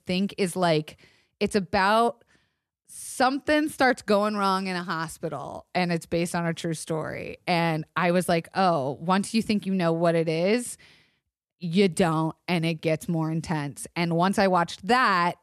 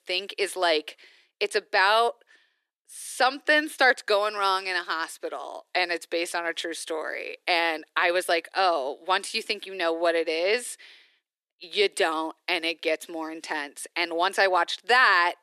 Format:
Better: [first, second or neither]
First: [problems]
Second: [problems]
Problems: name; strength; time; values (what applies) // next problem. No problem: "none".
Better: first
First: none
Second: thin; very; fading below 350 Hz